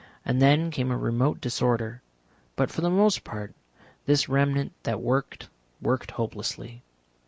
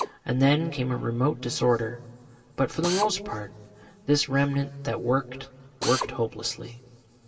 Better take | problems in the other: first | background sound (Drill); 13 dB below the speech // room echo; dies away in 2.8 s

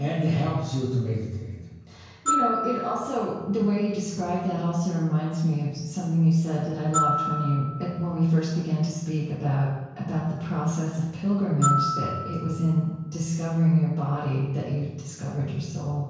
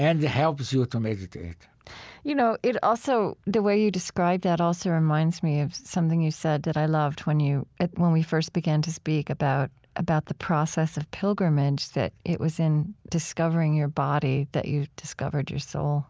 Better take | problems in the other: second | background sound (Glockenspiel); 8 dB below the speech // room echo; dies away in 1 s

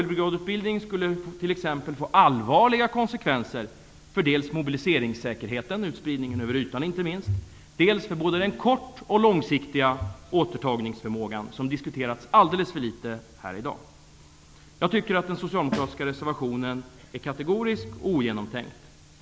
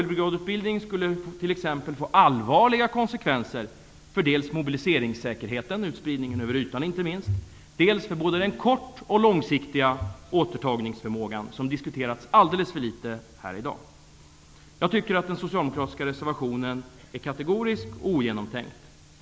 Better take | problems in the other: second | background sound (Snare drum); 12 dB below the speech

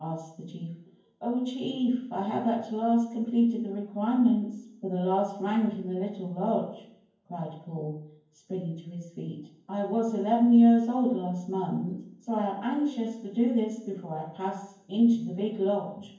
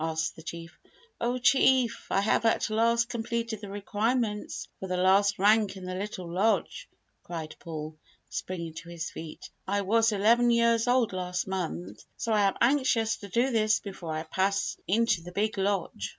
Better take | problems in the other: second | room echo; dies away in 0.9 s

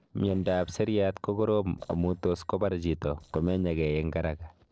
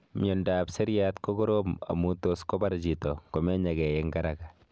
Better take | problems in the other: second | noise reduction (neural separator model SepFormer DNS4)

